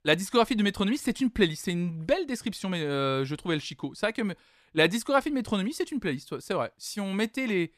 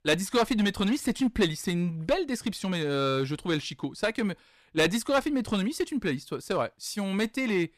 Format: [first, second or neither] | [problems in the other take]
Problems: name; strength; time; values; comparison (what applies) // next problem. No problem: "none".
first | distortion; slight; 4% of the sound clipped